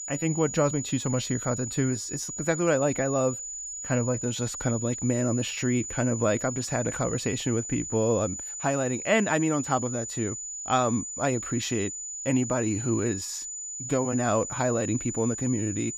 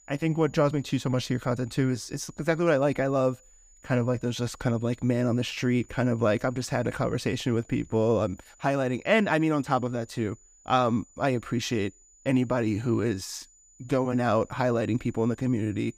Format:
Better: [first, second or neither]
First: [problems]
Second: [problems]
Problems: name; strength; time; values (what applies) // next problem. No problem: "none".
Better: second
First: high-pitched whine; loud; throughout; 7 kHz, 6 dB below the speech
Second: high-pitched whine; faint; throughout; 7 kHz, 30 dB below the speech